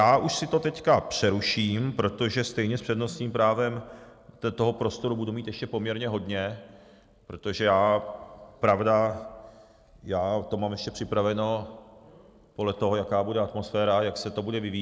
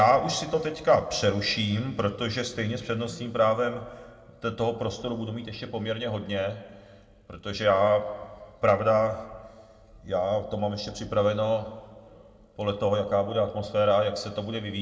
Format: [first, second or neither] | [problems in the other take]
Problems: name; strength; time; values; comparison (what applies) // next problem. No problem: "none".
first | room echo; dies away in 1 s